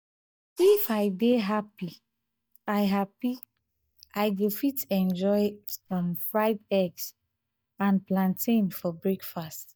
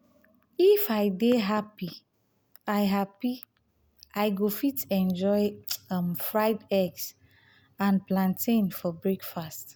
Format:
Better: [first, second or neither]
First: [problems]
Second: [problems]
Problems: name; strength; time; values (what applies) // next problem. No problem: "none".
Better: second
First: noise reduction (neural mask model DeepFilterNet 3)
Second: none